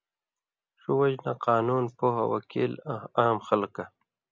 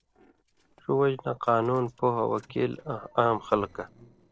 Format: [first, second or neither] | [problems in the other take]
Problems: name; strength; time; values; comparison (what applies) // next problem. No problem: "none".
first | noise reduction (neural separator model SepFormer DNS4)